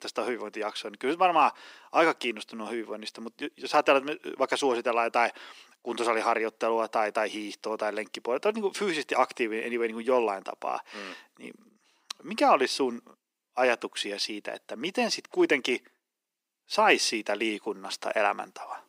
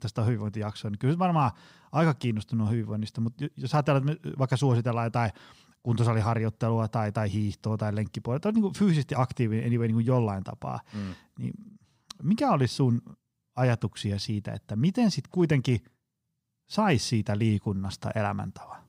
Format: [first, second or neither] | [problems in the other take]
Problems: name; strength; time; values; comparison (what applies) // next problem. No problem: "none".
second | thin; very; fading below 300 Hz